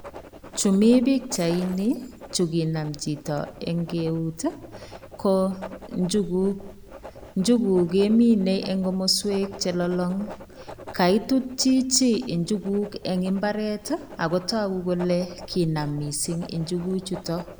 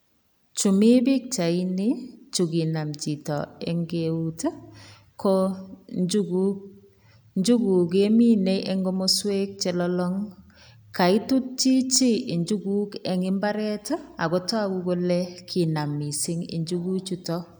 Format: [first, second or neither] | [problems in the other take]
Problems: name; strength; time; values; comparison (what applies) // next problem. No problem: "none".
second | background sound (Writing + Shatter); 17 dB below the speech